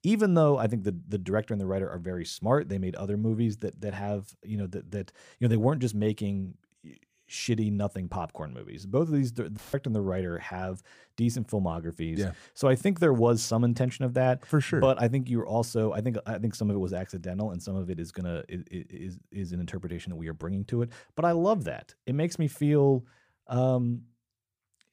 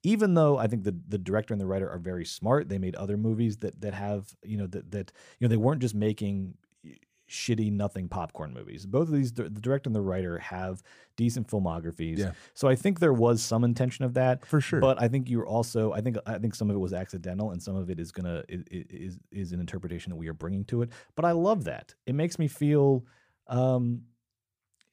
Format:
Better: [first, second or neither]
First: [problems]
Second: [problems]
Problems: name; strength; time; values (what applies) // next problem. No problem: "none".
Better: second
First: audio cutting out; filled with static; at 9.5 s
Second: none